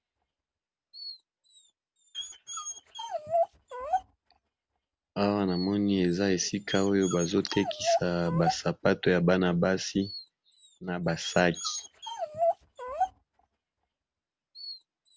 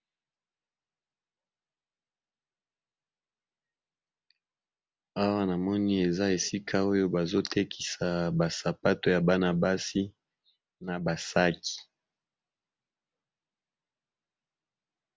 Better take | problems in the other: second | background sound (Dog); 6 dB below the speech

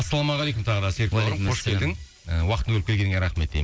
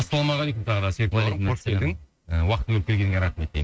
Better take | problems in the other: first | noise reduction (neural mask model RNNoise)

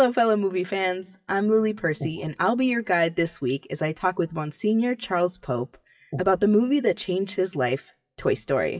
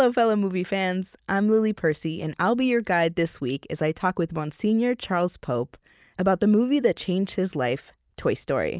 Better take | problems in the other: second | noise reduction (classical method WPE with log-MMSE)

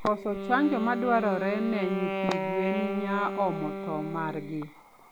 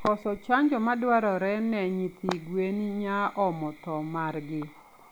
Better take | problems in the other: second | background sound (Wind instrument, woodwind instrument); 5 dB below the speech

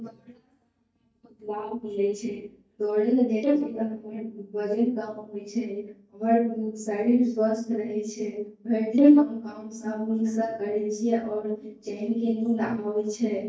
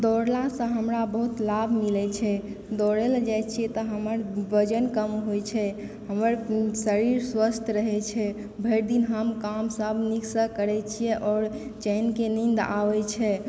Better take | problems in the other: second | noise reduction (neural mask model DeepFilterNet 3)

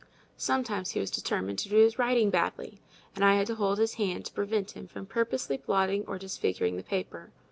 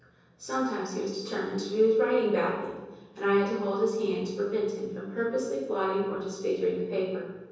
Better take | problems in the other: first | room echo; dies away in 1.1 s

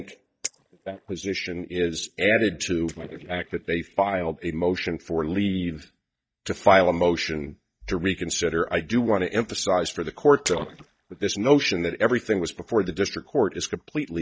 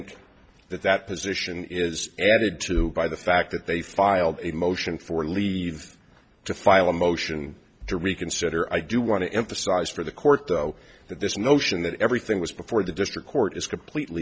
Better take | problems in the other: second | noise reduction (neural mask model DeepFilterNet 3)

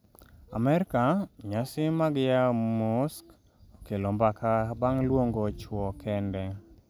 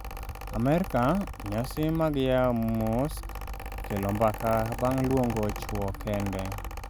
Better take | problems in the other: first | background sound (Mechanical fan); 8 dB below the speech

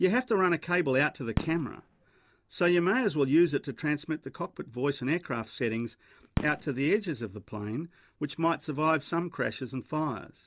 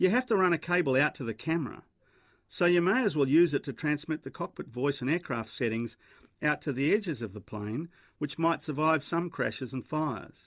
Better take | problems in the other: second | background sound (Fireworks); 13 dB below the speech

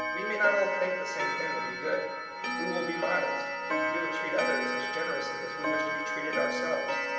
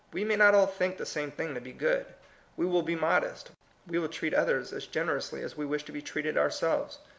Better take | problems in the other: second | background sound (Clock); 1 dB above the speech // room echo; dies away in 1.3 s

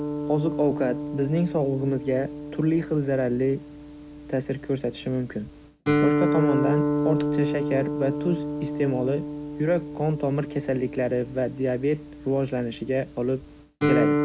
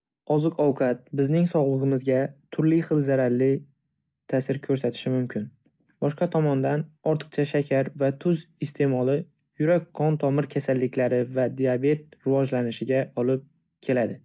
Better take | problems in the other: second | background sound (Guitar); 2 dB below the speech

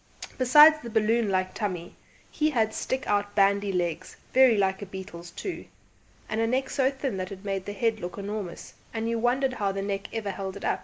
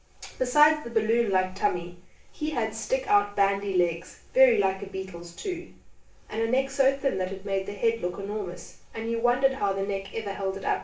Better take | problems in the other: first | room echo; dies away in 0.3 s

